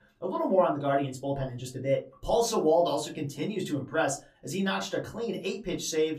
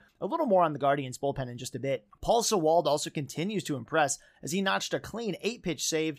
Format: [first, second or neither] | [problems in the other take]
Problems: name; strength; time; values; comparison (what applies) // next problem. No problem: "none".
second | off-mic speech; far // room echo; very slight; dies away in 0.2 s